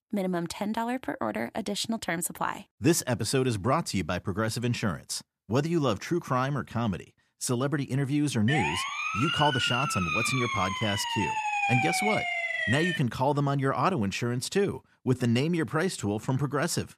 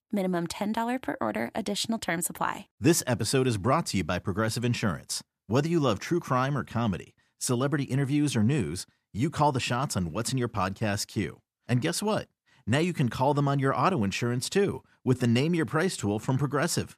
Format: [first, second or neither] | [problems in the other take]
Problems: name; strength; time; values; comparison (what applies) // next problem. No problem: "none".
second | siren; loud; from 8.5 to 13 s; peak 3 dB above the speech